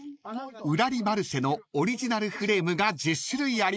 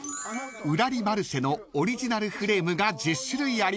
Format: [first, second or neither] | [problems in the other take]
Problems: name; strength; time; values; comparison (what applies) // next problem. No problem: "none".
second | noise reduction (neural mask model Resemble Enhance denoiser)